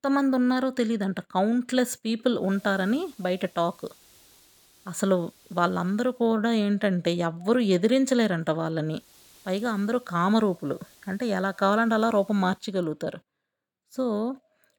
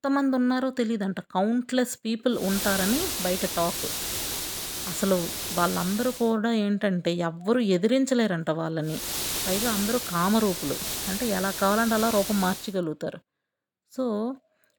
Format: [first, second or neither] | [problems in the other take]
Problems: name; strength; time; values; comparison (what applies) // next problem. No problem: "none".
first | hiss; loud; from 2.5 to 6 s and from 9 to 13 s; 3 dB below the speech; faint in the first